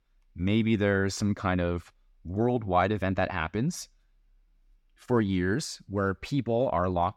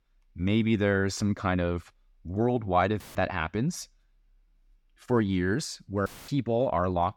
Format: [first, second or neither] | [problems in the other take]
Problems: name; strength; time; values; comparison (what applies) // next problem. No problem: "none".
first | audio cutting out; filled with static; at 3 s and at 6 s